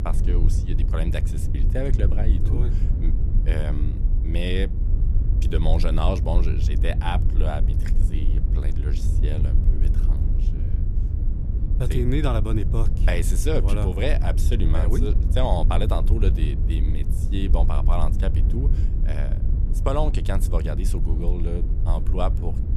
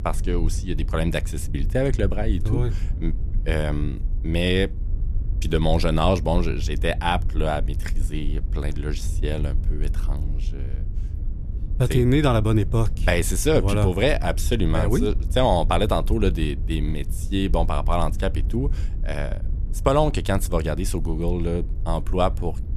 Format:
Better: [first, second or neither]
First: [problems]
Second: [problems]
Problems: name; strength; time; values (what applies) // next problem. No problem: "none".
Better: second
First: low rumble; loud; throughout; 9 dB below the speech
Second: low rumble; faint; throughout; 20 dB below the speech